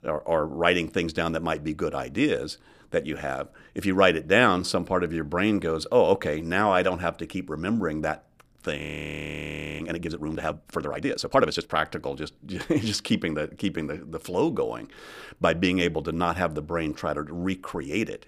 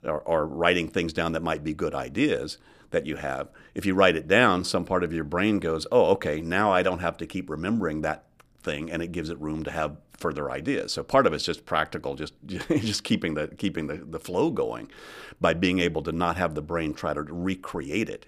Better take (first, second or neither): second